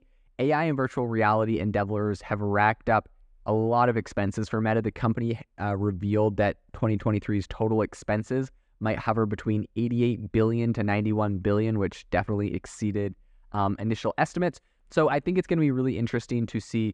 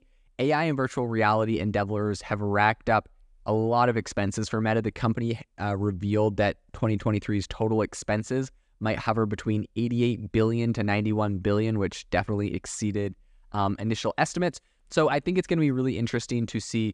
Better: second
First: muffled; slightly; fading above 3 kHz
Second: none

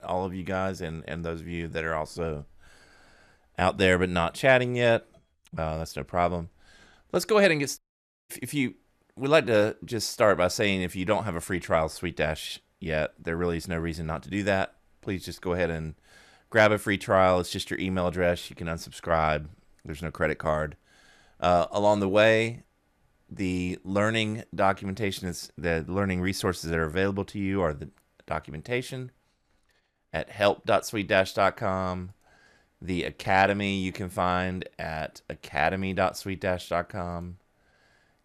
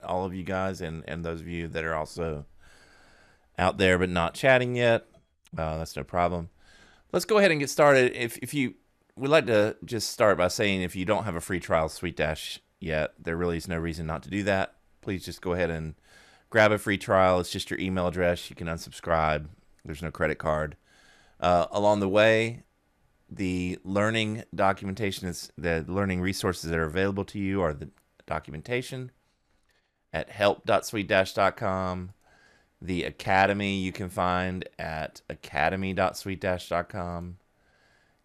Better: second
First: audio cutting out; at 8 s for 0.5 s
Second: none

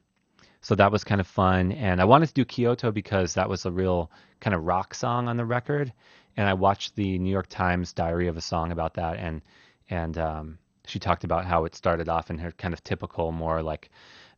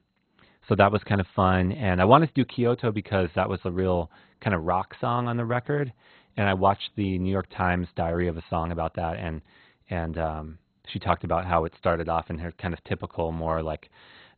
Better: first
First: garbled, watery; slightly; nothing above 6.5 kHz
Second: garbled, watery; badly; nothing above 4 kHz

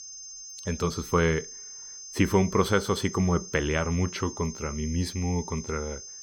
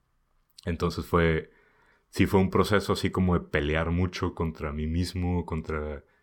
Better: second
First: high-pitched whine; noticeable; throughout; 6.5 kHz, 10 dB below the speech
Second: none

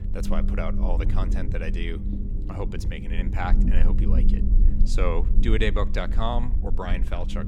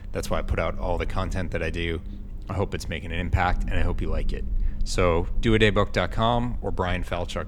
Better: second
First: low rumble; loud; throughout; 9 dB below the speech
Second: low rumble; faint; throughout; 25 dB below the speech

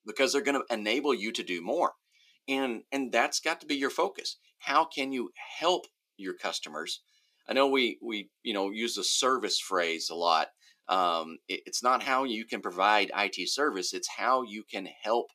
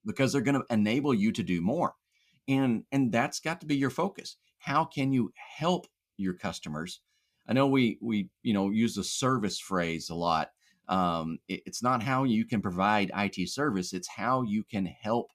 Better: second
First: thin; somewhat; fading below 350 Hz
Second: none

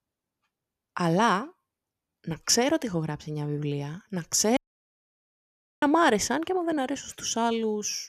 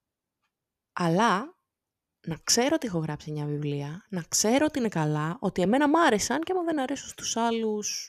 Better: second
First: audio cutting out; at 4.5 s for 1.5 s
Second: none

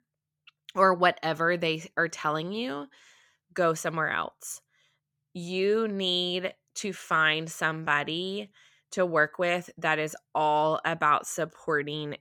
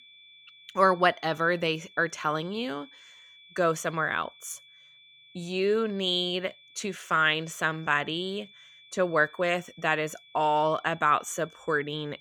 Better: first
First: none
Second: high-pitched whine; faint; throughout; 3.5 kHz, 25 dB below the speech

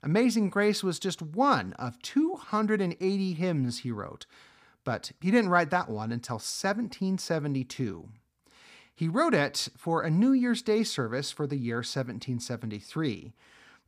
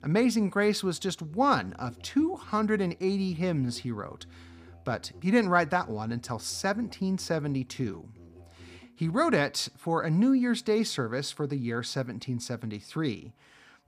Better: first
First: none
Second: background music; faint; throughout; 25 dB below the speech

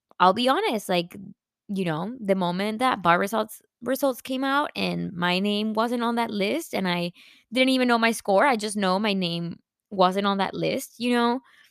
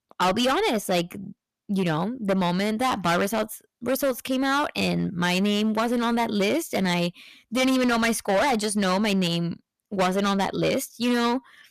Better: first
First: none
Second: distortion; heavy; 13% of the sound clipped

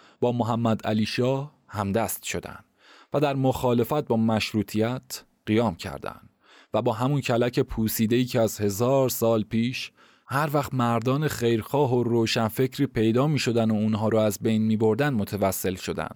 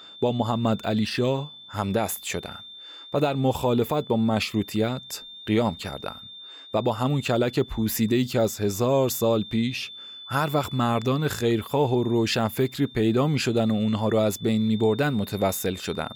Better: first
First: none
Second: high-pitched whine; noticeable; throughout; 3.5 kHz, 15 dB below the speech

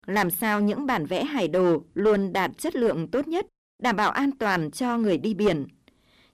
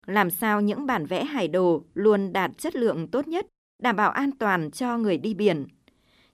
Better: second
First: distortion; slight; 5% of the sound clipped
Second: none

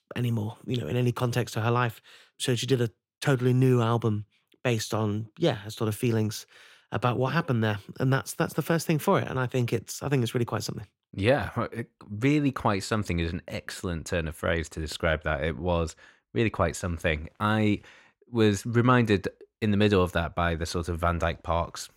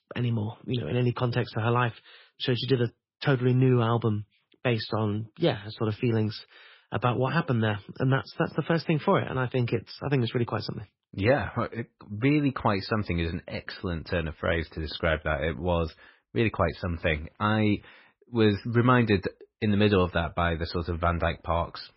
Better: first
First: none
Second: garbled, watery; badly; nothing above 5.5 kHz

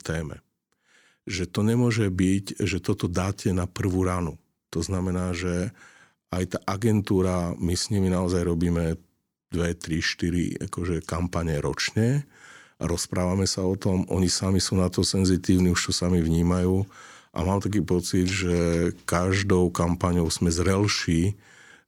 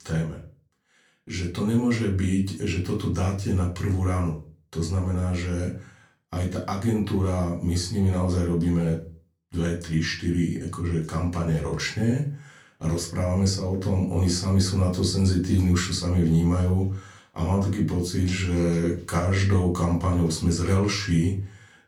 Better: first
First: none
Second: room echo; slight; dies away in 0.3 s // off-mic speech; far

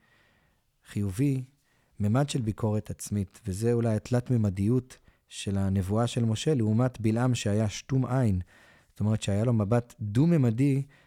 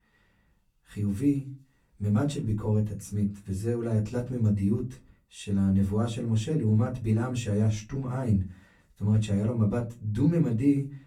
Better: first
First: none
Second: off-mic speech; far // room echo; very slight; dies away in 0.2 s

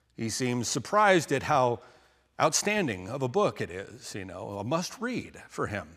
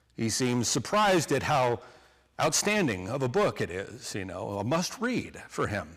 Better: first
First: none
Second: distortion; heavy; 7% of the sound clipped

